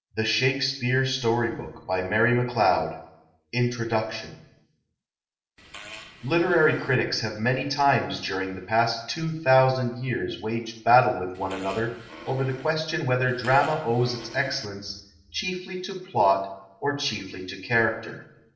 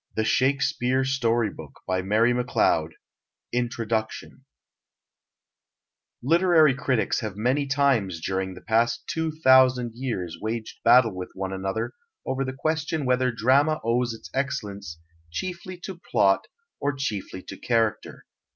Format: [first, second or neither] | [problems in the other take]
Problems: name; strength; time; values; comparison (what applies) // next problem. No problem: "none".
second | noise reduction (neural separator model SepFormer DNS4)